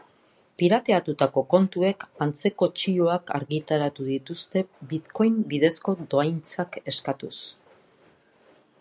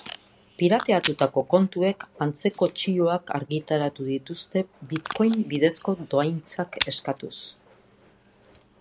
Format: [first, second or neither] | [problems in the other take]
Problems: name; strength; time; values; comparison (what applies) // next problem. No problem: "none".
first | background sound (Packing tape, duct tape / Tearing); 15 dB below the speech